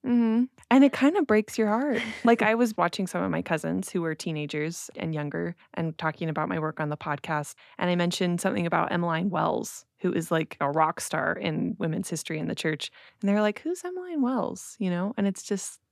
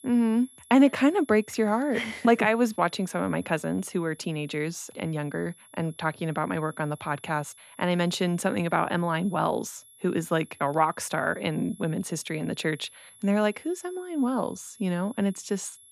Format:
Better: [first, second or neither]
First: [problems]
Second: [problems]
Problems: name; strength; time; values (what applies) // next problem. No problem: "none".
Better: first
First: none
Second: high-pitched whine; faint; throughout; 11 kHz, 25 dB below the speech